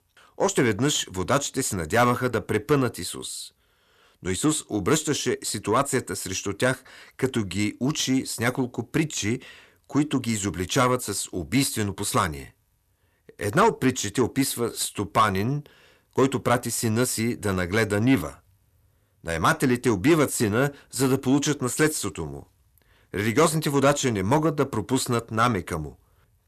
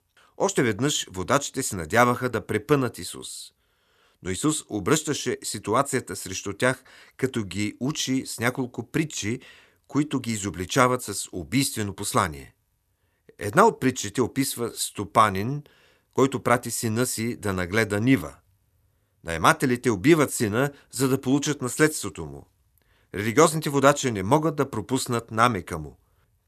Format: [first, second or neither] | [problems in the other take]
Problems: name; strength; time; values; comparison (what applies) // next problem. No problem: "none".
second | distortion; slight; 10 dB below the speech